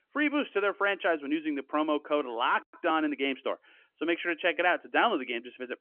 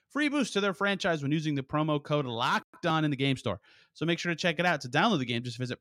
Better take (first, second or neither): second